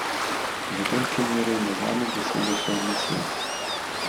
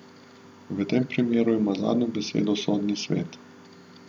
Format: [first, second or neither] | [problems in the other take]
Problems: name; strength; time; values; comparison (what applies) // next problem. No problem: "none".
second | background sound (Waves, surf); 1 dB above the speech